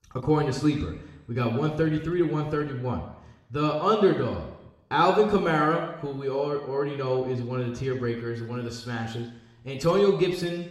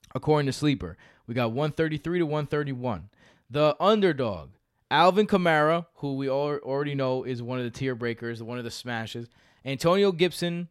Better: second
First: room echo; noticeable; dies away in 0.8 s // off-mic speech; somewhat distant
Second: none

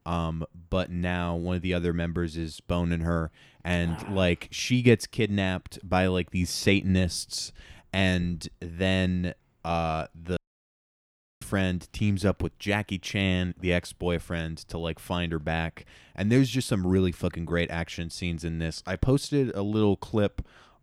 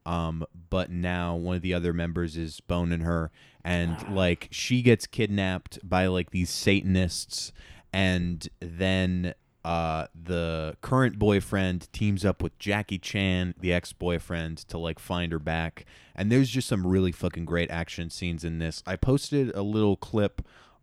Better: second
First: audio cutting out; at 10 s for 1 s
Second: none

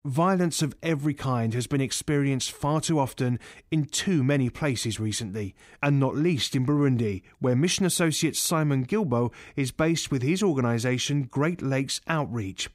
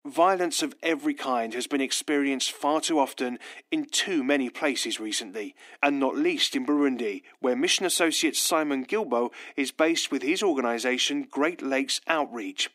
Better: first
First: none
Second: thin; somewhat; fading below 250 Hz

